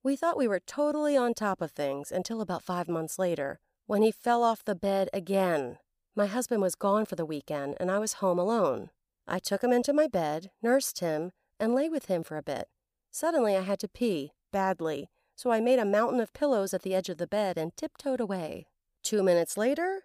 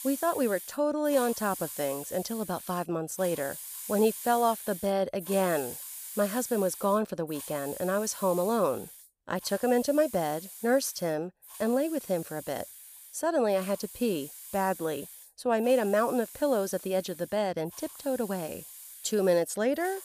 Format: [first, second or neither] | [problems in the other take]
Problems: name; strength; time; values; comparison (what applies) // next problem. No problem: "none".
first | hiss; noticeable; throughout; 10 dB below the speech